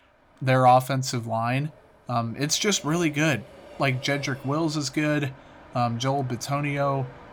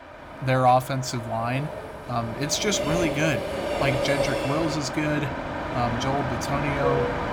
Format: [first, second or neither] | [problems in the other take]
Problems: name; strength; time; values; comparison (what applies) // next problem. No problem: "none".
first | train or aircraft noise; loud; throughout; 3 dB below the speech; faint in the first